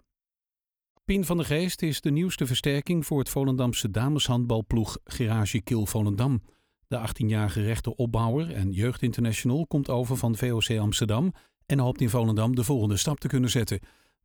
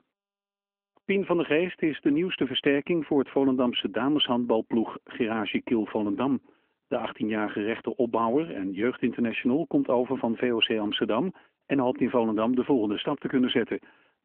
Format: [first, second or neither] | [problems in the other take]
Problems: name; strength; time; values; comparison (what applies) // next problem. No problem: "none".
first | phone-call audio; nothing above 3 kHz